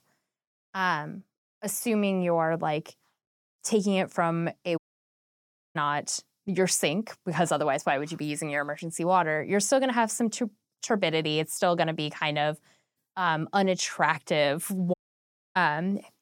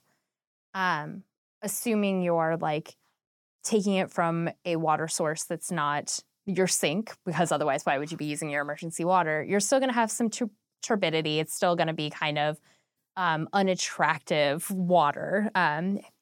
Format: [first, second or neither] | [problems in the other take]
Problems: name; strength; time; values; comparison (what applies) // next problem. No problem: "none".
second | audio cutting out; at 5 s for 1 s and at 15 s for 0.5 s